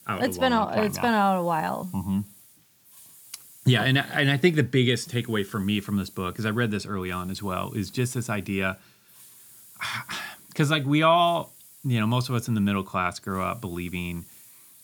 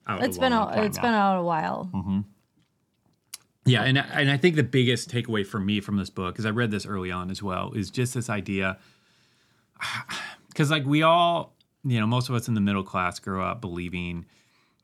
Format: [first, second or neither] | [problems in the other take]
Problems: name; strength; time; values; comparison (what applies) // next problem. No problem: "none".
second | hiss; faint; throughout; 25 dB below the speech